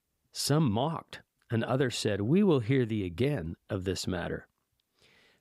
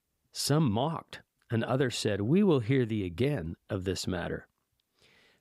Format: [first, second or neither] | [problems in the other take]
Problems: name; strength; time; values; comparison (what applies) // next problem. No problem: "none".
neither | none